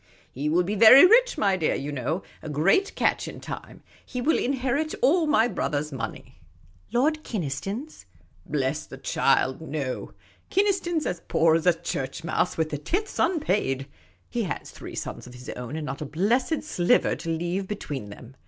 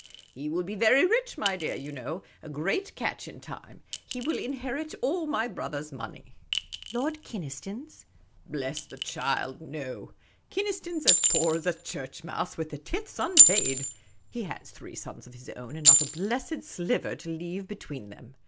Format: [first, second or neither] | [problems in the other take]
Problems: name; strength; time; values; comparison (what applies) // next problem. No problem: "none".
first | background sound (Chink, clink); 1 dB above the speech